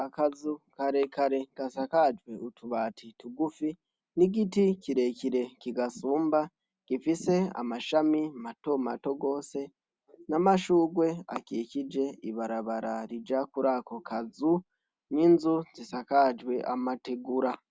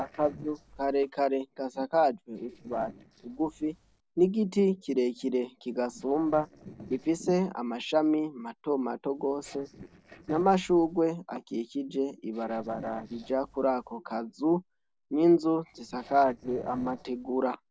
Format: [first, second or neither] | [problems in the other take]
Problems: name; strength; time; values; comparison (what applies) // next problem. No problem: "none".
first | noise reduction (neural separator model SepFormer DNS4)